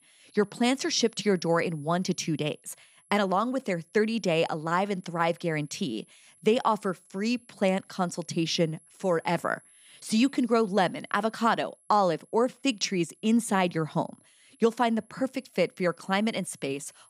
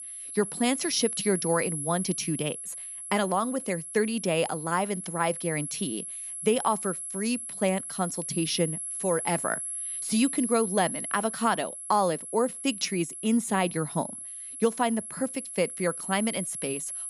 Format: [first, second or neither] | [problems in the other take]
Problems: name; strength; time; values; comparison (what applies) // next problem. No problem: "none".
first | high-pitched whine; loud; throughout; 11 kHz, 5 dB below the speech; faint in the first